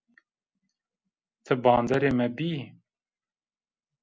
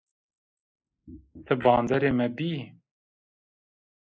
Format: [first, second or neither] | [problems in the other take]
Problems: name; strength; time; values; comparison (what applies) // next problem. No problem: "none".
first | noise reduction (neural mask model Resemble Enhance denoiser)